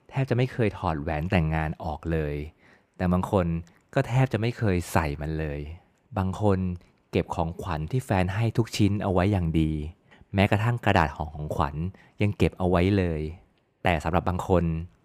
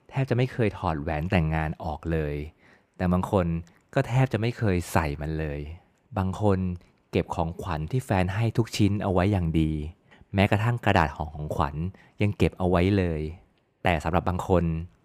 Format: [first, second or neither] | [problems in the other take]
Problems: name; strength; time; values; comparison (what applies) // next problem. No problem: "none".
neither | none